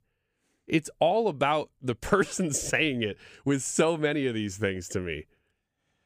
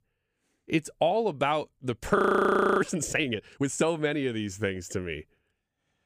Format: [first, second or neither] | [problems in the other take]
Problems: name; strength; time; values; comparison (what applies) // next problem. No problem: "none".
first | audio freezing; at 2 s for 0.5 s